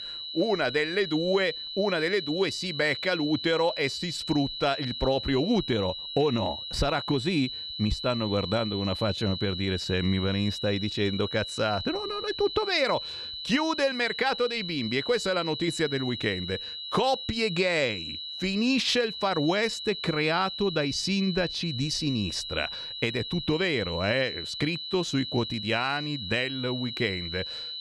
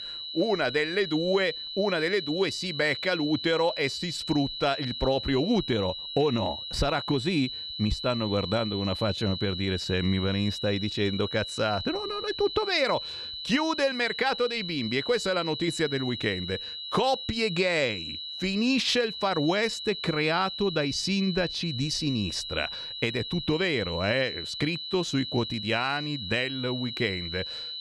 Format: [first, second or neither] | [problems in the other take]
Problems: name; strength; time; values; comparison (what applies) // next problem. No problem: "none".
neither | high-pitched whine; loud; throughout; 4 kHz, 6 dB below the speech; the same in both